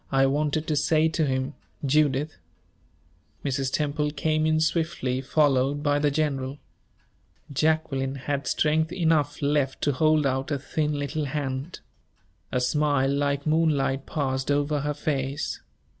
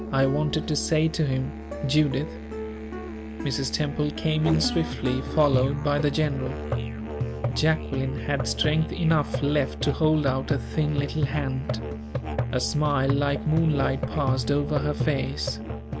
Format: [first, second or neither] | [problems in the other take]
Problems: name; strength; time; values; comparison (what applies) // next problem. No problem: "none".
first | background sound (Musical instrument); 4 dB below the speech